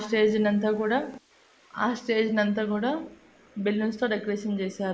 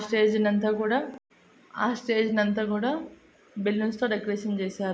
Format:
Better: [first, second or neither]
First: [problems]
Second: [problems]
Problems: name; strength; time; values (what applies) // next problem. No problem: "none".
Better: second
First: noise reduction (neural mask model Resemble Enhance denoiser)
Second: none